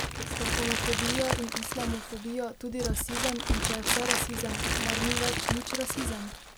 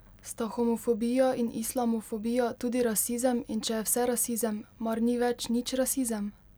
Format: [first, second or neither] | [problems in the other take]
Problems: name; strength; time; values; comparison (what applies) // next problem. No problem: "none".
second | background sound (Crumpling, crinkling); 3 dB above the speech